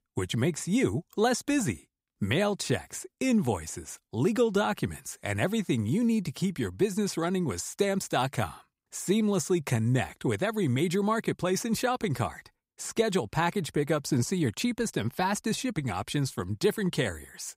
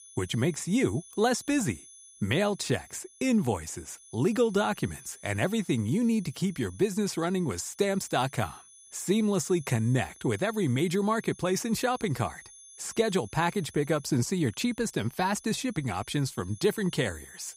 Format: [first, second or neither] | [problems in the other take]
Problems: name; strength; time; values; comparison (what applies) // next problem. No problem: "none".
first | high-pitched whine; faint; throughout; 10 kHz, 20 dB below the speech